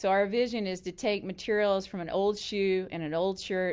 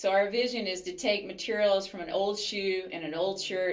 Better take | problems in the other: first | room echo; dies away in 0.3 s

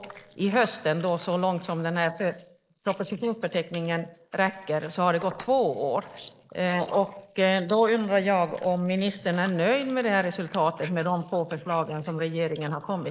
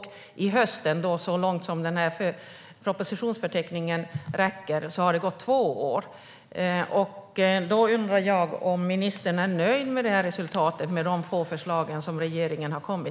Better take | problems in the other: second | noise reduction (neural mask model Resemble Enhance denoiser)

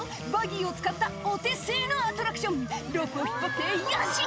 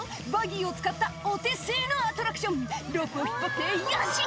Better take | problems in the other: second | background sound (Wind instrument, woodwind instrument); 13 dB below the speech

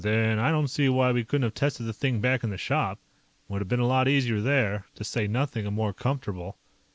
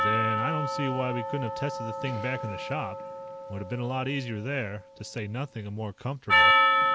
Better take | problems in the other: first | background sound (Percussion); 4 dB above the speech

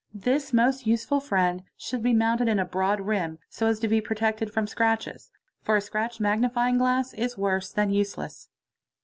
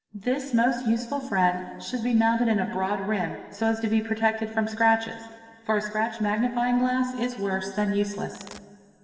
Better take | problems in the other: first | background sound (Domestic sounds, home sounds); 20 dB below the speech // room echo; dies away in 2.1 s

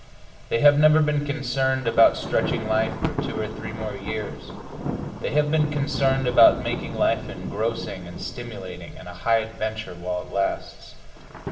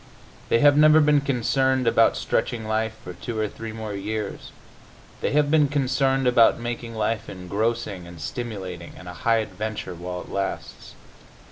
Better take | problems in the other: second | background sound (Thunder); 9 dB below the speech // room echo; dies away in 0.9 s

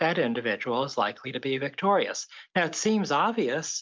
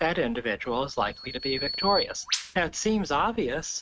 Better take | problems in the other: first | noise reduction (neural mask model RNNoise)

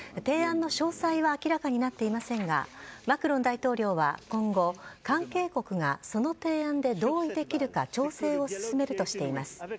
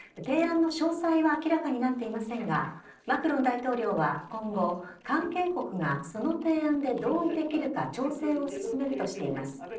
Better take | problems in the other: first | noise reduction (neural separator model SepFormer DNS4)

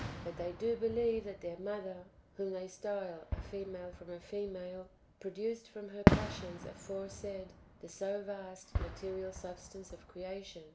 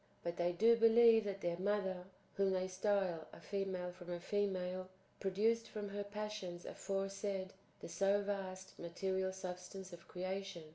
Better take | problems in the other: second | background sound (Fireworks); 1 dB above the speech

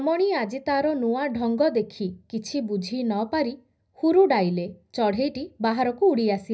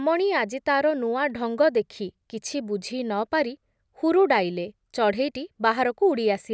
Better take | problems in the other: second | room echo; dies away in 0.4 s

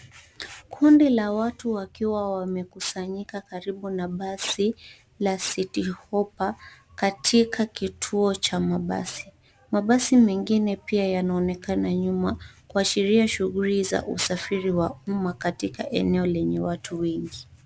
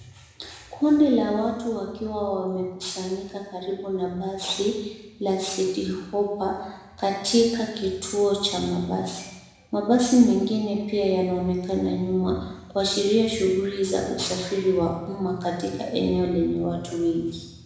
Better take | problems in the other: first | room echo; dies away in 0.9 s

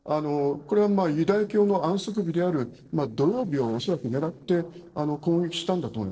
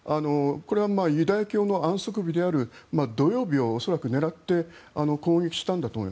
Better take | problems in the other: second | noise reduction (neural separator model SepFormer DNS4)

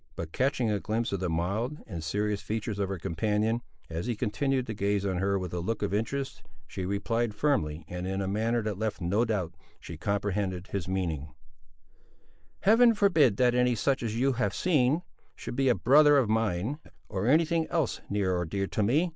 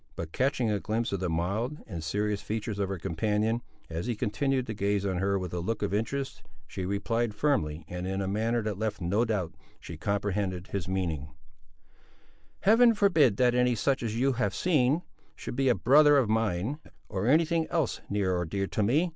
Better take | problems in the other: second | noise reduction (neural mask model Resemble Enhance denoiser)

